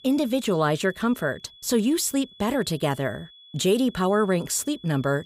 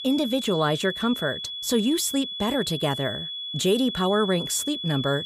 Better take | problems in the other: first | high-pitched whine; loud; throughout; 3.5 kHz, 6 dB below the speech; faint in the first

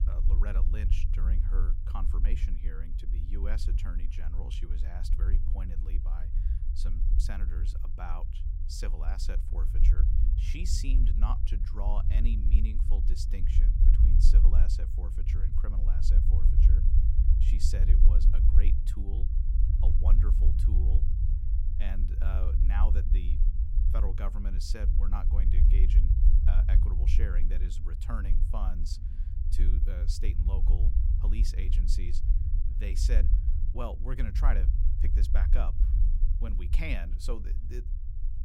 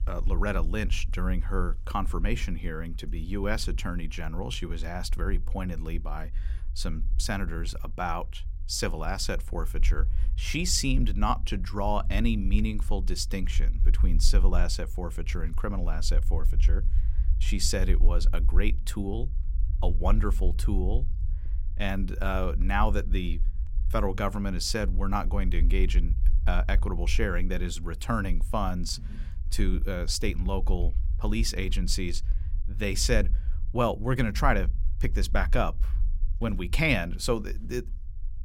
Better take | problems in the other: second | low rumble; loud; throughout; 4 dB below the speech; faint in the second

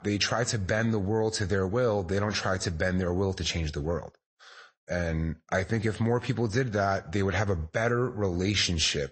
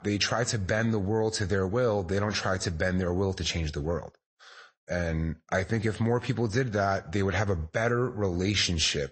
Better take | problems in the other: neither | garbled, watery; slightly; nothing above 8 kHz; the same in both

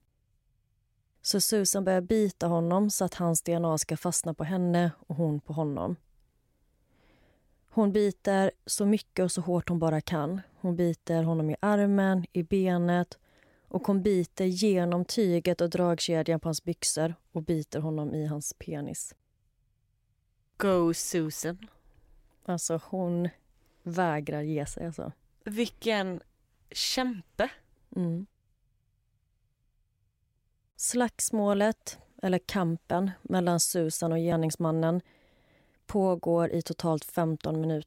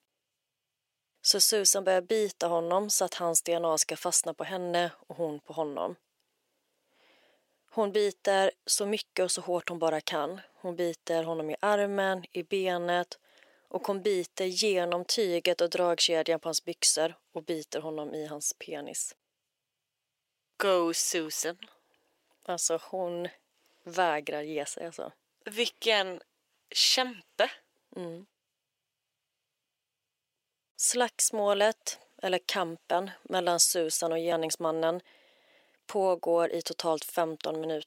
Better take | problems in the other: first | thin; very; fading below 500 Hz

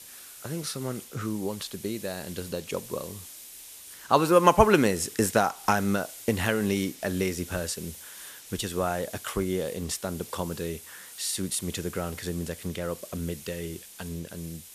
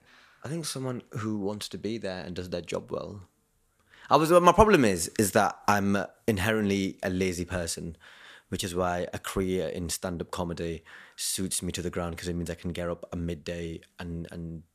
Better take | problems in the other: second | hiss; noticeable; throughout; 15 dB below the speech

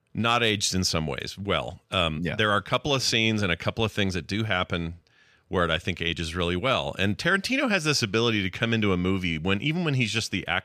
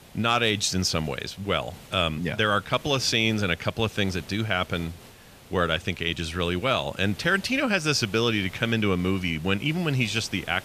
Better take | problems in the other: first | hiss; faint; throughout; 20 dB below the speech

